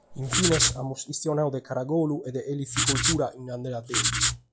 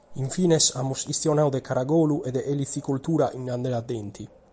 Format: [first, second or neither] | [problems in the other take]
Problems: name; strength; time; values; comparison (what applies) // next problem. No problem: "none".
second | noise reduction (classical method log-MMSE)